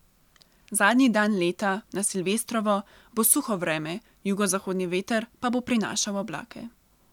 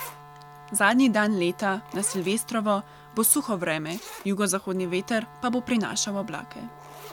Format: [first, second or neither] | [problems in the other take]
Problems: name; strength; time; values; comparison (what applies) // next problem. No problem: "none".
first | background sound (Zipper (clothing) + Wind instrument, woodwind instrument); 19 dB below the speech